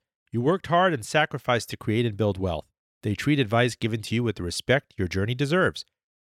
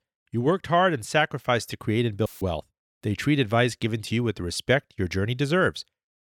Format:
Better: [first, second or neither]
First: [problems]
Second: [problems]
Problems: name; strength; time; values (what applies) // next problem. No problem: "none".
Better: first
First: none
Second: audio cutting out; filled with static; at 2.5 s